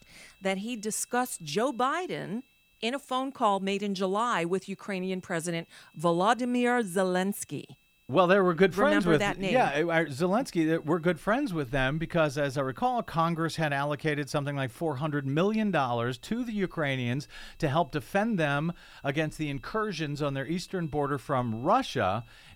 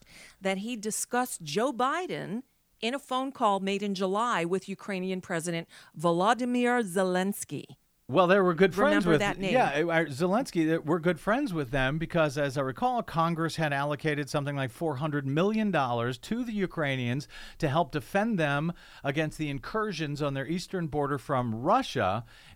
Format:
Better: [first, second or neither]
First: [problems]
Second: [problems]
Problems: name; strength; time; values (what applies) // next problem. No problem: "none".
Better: second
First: high-pitched whine; faint; throughout; 2.5 kHz, 35 dB below the speech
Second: none